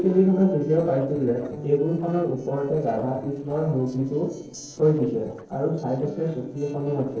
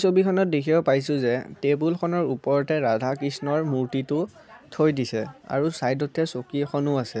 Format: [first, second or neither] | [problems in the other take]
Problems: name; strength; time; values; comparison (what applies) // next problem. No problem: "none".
second | noise reduction (neural separator model SepFormer DNS4)